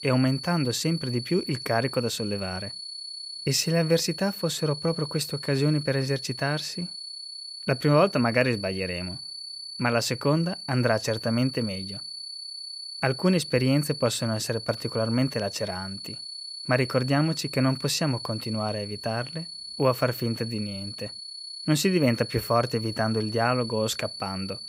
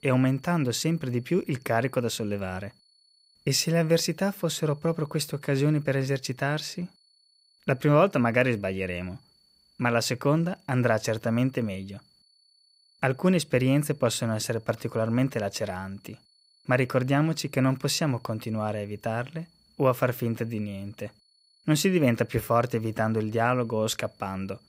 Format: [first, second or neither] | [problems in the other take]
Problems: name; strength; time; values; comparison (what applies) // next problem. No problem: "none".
second | high-pitched whine; loud; throughout; 4.5 kHz, 9 dB below the speech; faint in the second